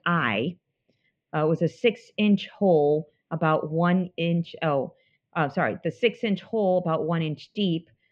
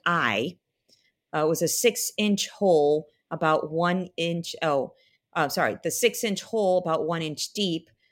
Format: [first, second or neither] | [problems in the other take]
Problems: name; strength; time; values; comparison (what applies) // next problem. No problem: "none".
second | muffled; very; fading above 3 kHz